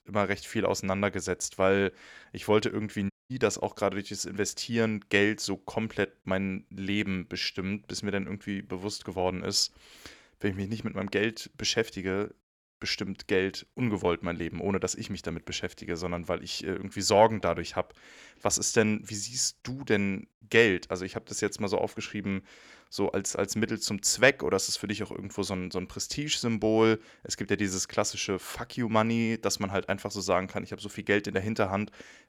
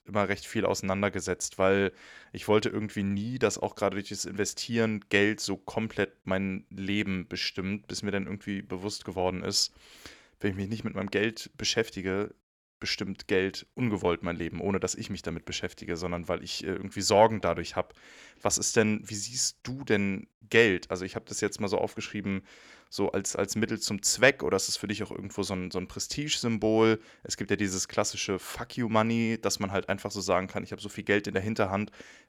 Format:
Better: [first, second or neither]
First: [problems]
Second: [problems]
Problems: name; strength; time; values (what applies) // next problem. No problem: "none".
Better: second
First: audio cutting out; at 3 s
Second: none